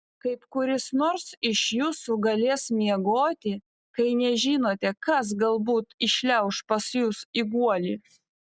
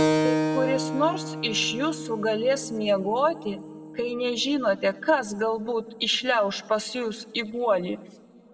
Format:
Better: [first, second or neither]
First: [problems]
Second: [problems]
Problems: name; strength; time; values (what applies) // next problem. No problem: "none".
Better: first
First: none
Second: background sound (Keyboard (musical)); 6 dB below the speech // room echo; dies away in 0.7 s